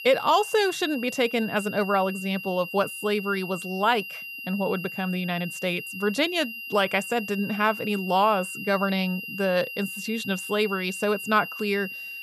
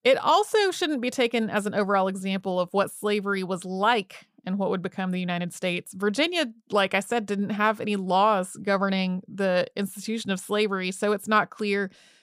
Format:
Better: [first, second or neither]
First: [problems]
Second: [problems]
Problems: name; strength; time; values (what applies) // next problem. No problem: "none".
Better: second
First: high-pitched whine; loud; throughout; 3 kHz, 9 dB below the speech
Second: none